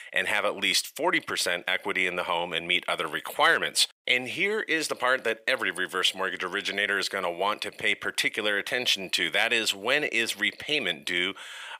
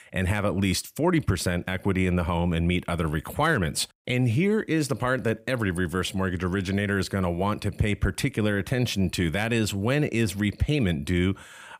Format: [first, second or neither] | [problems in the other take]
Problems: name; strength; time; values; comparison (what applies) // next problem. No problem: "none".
second | thin; very; fading below 600 Hz